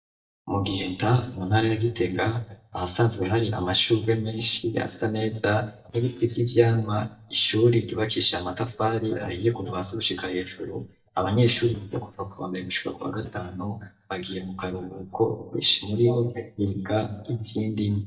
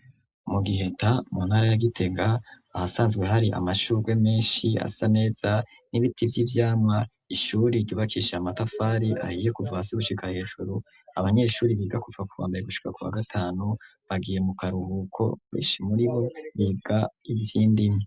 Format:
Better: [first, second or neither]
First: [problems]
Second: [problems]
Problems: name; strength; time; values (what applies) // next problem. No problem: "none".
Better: second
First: noise reduction (neural mask model DeepFilterNet 3)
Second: none